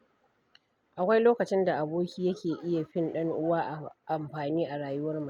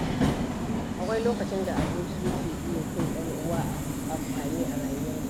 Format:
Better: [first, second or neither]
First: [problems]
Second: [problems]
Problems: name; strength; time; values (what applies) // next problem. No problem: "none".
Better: first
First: none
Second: background sound (Subway, metro, underground); 5 dB above the speech